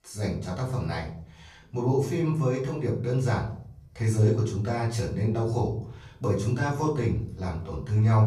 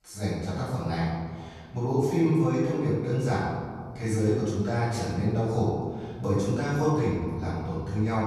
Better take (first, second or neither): first